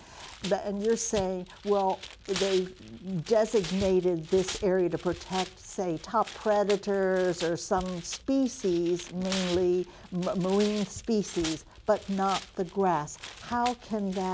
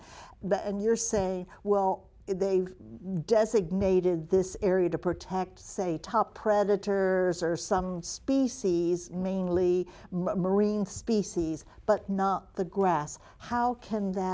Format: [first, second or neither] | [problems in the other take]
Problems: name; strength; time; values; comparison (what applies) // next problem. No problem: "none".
second | background sound (Tearing); 15 dB below the speech